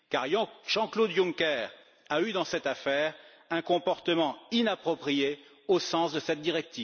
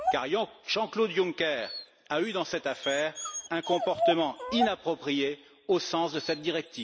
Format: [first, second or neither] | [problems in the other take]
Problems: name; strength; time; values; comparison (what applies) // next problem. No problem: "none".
first | background sound (Dog); 6 dB below the speech